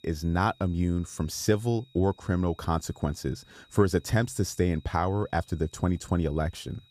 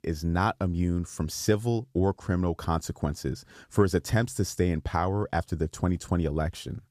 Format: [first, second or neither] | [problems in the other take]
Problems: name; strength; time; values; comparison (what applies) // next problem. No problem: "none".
second | high-pitched whine; faint; throughout; 4 kHz, 30 dB below the speech